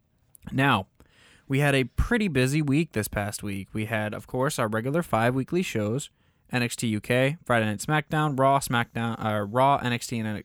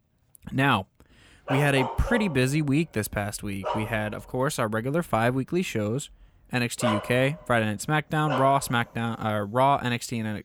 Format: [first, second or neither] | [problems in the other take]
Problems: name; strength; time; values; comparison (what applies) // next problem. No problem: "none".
first | dog barking; noticeable; from 1.5 to 8.5 s; peak 3 dB below the speech